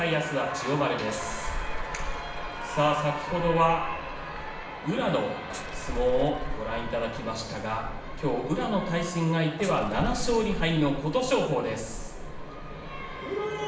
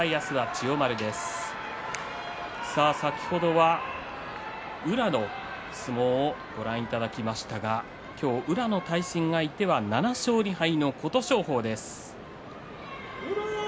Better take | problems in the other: second | background sound (Bus / Engine); 8 dB below the speech // room echo; dies away in 0.8 s

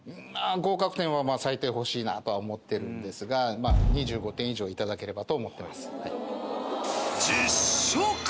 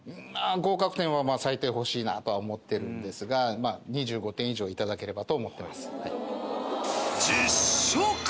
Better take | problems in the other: second | background sound (Fireworks); 2 dB below the speech

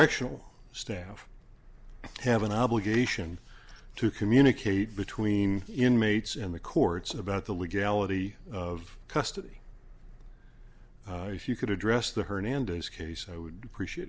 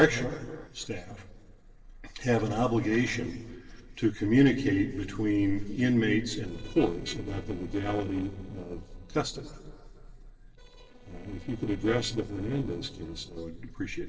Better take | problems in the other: first | noise reduction (neural separator model SepFormer DNS4)

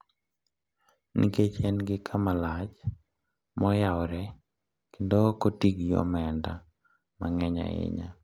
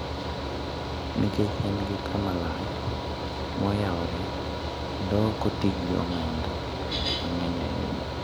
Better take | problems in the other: first | background sound (Mechanical fan); as loud as the speech

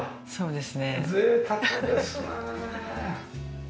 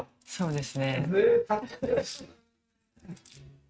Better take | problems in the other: first | noise reduction (neural mask model RNNoise)

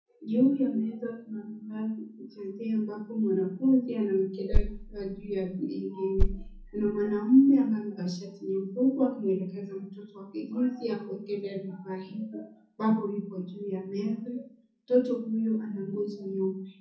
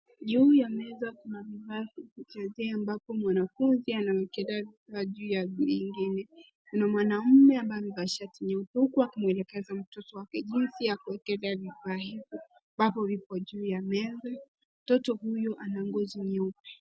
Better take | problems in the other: second | background sound (Thump, thud); 2 dB above the speech // room echo; dies away in 0.6 s

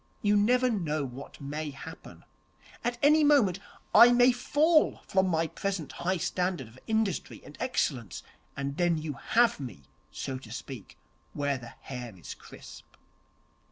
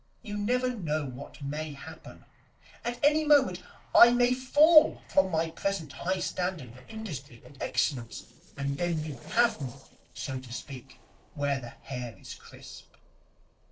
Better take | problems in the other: first | noise reduction (neural separator model SepFormer DNS4)

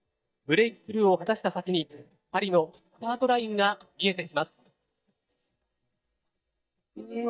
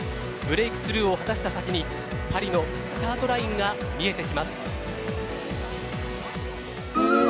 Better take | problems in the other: second | noise reduction (neural mask model DeepFilterNet 3)

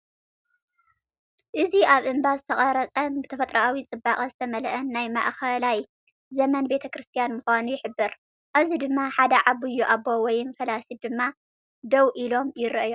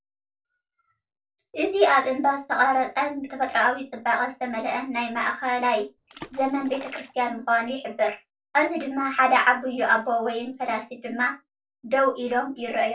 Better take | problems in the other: first | noise reduction (neural separator model SepFormer DNS4)

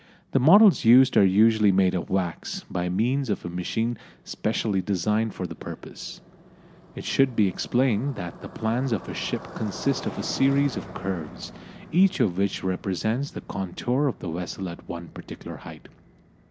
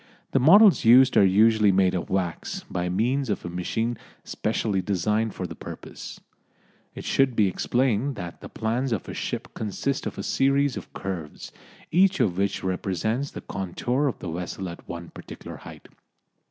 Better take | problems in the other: second | background sound (Motorcycle); 19 dB below the speech

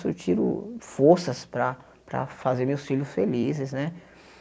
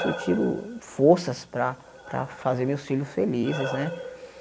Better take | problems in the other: first | background sound (Breathing); 12 dB below the speech

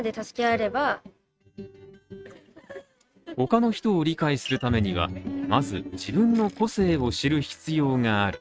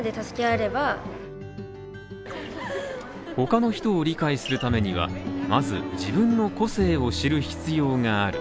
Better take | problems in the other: second | noise reduction (neural mask model RNNoise)

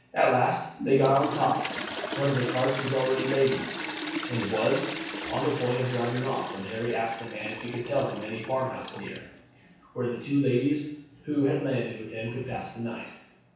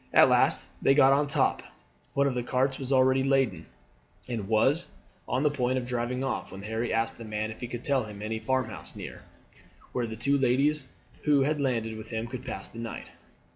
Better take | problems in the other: second | background sound (Toilet flush); 9 dB below the speech // room echo; dies away in 0.7 s

